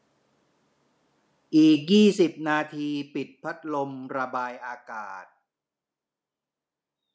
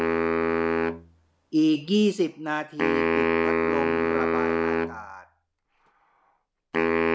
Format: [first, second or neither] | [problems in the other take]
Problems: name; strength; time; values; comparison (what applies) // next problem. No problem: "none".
first | background sound (Wind instrument, woodwind instrument); 4 dB above the speech